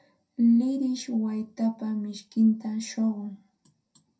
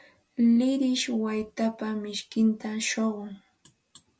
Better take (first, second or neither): second